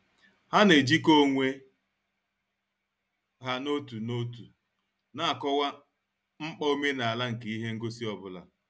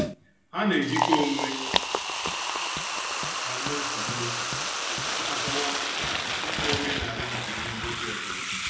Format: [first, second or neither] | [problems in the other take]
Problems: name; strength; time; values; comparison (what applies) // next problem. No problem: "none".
first | background sound (Liquid); 4 dB above the speech // room echo; dies away in 0.8 s